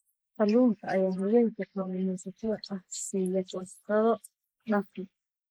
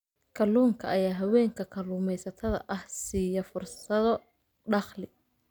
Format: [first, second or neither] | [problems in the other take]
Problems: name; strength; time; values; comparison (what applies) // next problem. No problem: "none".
second | noise reduction (neural mask model Resemble Enhance denoiser)